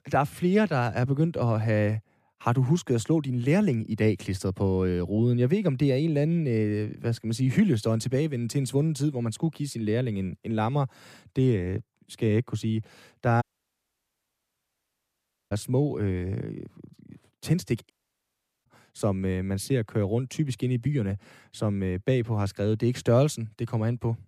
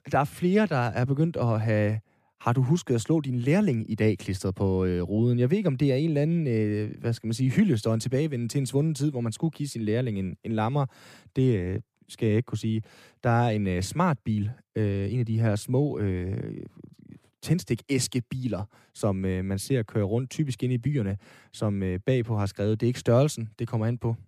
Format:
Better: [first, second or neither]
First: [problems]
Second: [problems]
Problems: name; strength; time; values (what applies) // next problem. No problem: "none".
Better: second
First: audio cutting out; at 13 s for 2 s and at 18 s for 1 s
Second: none